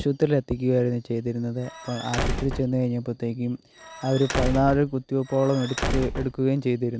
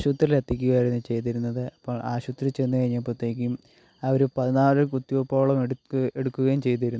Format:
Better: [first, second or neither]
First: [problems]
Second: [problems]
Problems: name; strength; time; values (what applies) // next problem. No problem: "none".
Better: second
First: background sound (Squeak / Slam / Wood); 6 dB below the speech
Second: none